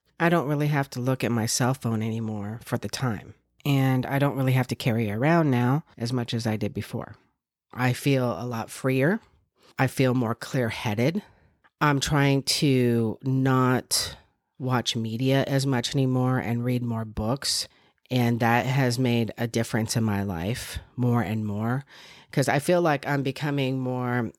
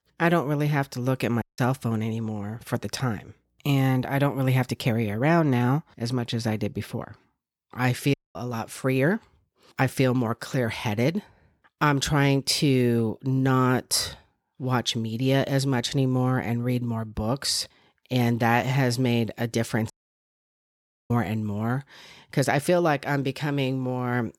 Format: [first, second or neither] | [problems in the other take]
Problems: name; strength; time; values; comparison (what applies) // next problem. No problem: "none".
first | audio cutting out; at 1.5 s, at 8 s and at 20 s for 1 s